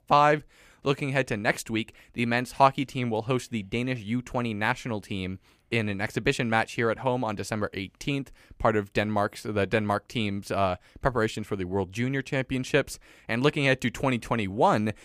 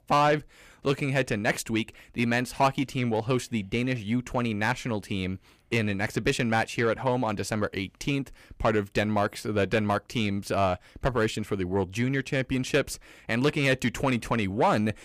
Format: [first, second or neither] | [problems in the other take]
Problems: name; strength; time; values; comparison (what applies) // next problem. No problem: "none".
first | distortion; slight; 10 dB below the speech